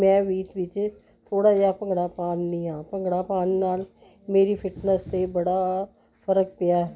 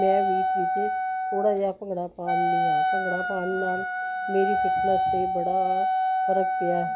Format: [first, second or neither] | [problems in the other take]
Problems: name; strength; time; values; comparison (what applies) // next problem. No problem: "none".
first | background sound (Wind instrument, woodwind instrument); 3 dB above the speech